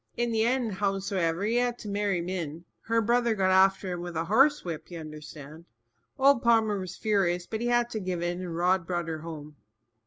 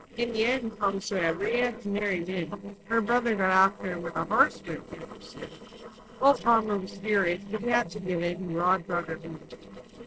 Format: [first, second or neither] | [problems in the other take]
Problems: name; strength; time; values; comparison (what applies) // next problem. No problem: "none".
first | noise reduction (neural separator model SepFormer DNS4)